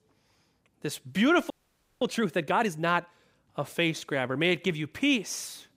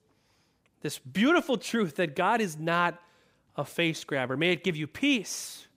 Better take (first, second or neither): second